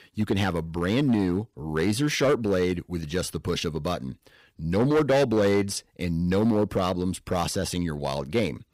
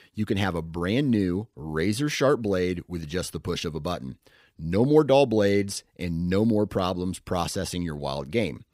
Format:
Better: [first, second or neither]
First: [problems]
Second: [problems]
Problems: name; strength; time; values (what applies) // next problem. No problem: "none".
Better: second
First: distortion; slight; 6% of the sound clipped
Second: none